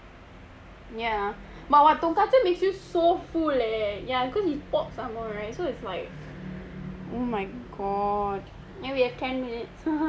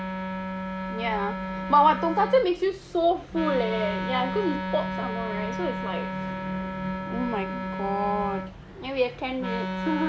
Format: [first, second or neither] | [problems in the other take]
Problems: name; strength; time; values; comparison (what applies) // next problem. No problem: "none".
first | background sound (Wind instrument, woodwind instrument); 5 dB below the speech